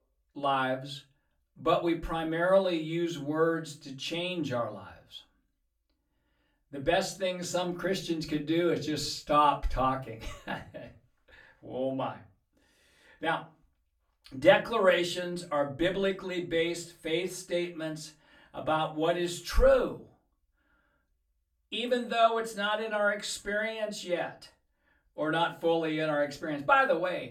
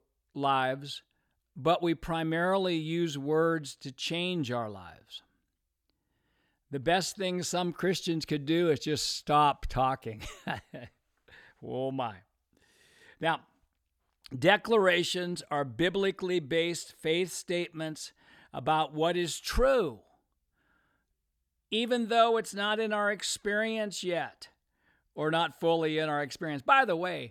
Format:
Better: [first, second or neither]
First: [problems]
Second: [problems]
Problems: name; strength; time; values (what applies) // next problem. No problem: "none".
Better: second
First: off-mic speech; far // room echo; very slight; dies away in 0.3 s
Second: none